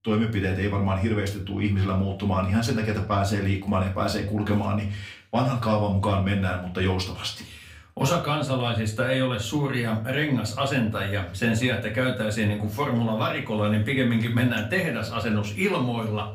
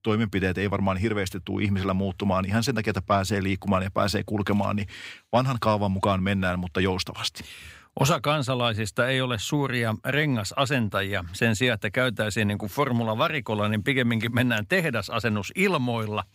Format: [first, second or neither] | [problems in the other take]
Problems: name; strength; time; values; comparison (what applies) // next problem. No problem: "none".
second | room echo; slight; dies away in 0.4 s // off-mic speech; far